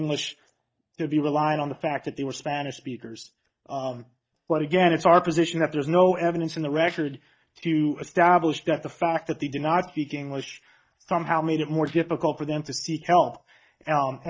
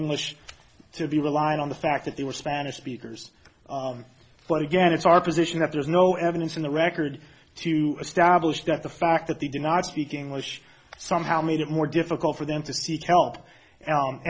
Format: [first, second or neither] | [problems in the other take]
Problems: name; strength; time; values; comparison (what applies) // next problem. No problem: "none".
second | noise reduction (neural mask model DeepFilterNet 3)